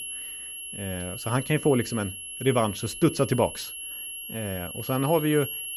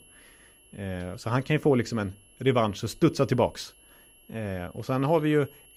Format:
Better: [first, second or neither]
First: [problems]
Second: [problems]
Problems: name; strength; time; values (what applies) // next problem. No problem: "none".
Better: second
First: high-pitched whine; loud; throughout; 11 kHz, 8 dB below the speech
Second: high-pitched whine; faint; throughout; 11 kHz, 30 dB below the speech